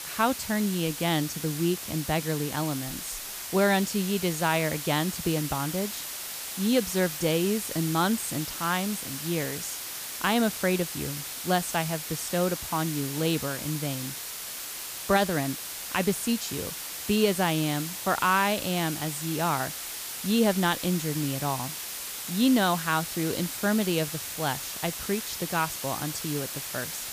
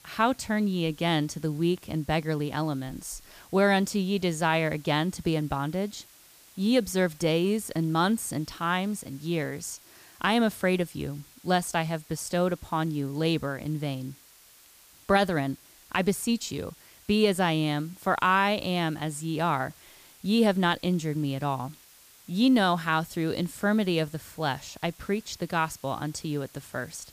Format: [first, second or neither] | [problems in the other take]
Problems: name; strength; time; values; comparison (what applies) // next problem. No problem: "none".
second | hiss; loud; throughout; 5 dB below the speech; faint in the second